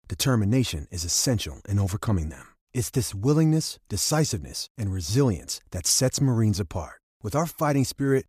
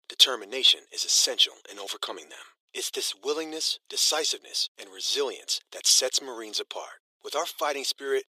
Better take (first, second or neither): first